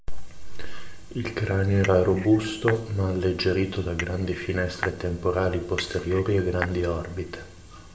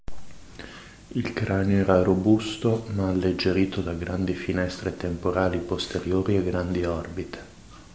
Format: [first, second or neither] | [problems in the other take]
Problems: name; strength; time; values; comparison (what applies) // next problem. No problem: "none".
second | background sound (Cutlery, silverware / Dishes, pots, and pans / Chink, clink); 11 dB below the speech // room echo; dies away in 0.5 s